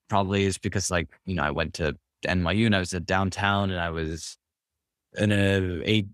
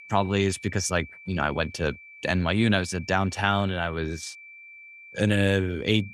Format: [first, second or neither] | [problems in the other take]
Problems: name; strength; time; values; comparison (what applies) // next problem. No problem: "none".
first | high-pitched whine; noticeable; throughout; 2.5 kHz, 20 dB below the speech